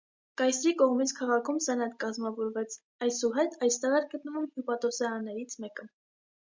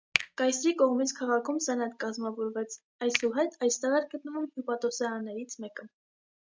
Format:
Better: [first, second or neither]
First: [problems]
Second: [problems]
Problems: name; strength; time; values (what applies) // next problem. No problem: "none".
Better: first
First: none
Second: noise reduction (neural mask model RNNoise)